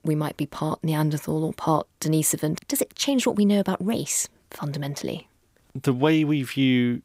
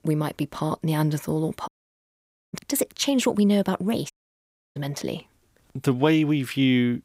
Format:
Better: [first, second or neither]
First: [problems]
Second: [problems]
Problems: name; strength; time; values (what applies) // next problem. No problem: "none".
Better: first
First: none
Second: audio cutting out; at 1.5 s for 1 s and at 4 s for 0.5 s